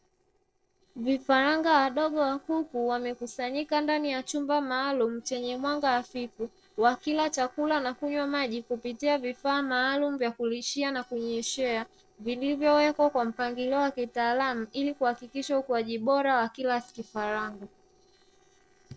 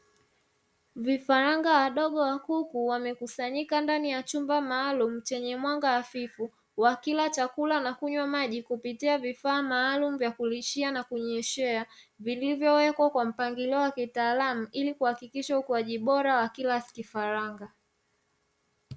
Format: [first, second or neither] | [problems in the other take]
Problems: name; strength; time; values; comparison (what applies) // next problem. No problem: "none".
second | noise reduction (neural separator model SepFormer DNS4)